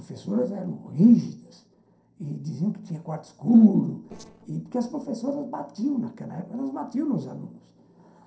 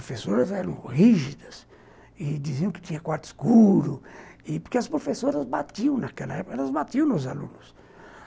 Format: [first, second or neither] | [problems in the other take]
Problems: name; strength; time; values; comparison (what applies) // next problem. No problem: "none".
second | noise reduction (neural separator model SepFormer DNS4)